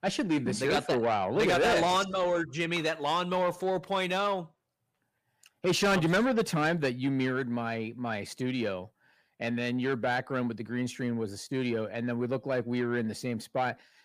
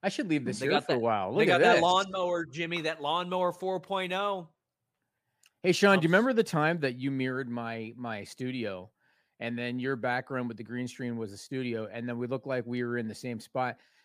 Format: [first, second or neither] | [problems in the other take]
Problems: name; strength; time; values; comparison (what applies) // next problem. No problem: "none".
second | distortion; heavy; 8 dB below the speech